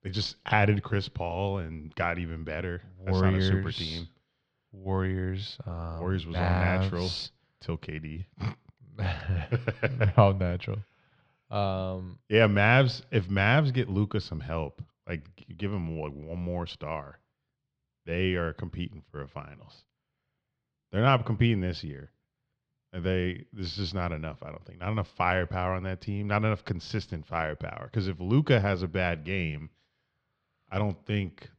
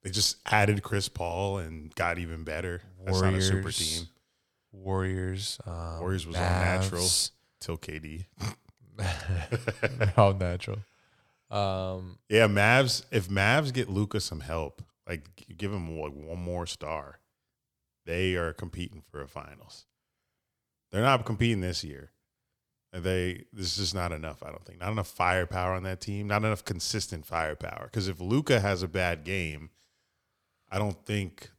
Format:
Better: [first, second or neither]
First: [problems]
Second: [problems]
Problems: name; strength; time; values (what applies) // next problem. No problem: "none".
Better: second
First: muffled; slightly; fading above 4 kHz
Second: none